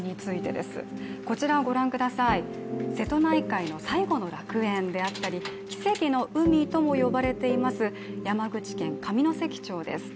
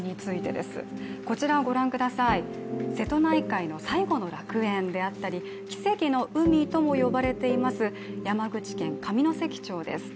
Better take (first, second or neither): second